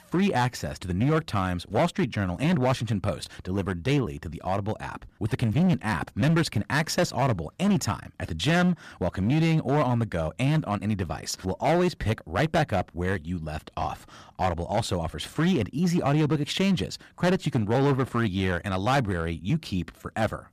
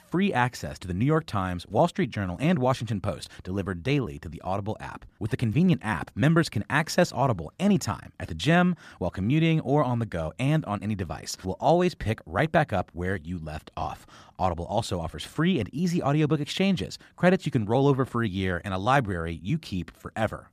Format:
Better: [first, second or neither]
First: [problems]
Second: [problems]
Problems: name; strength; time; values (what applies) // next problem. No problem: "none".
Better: second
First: distortion; slight; 8% of the sound clipped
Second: none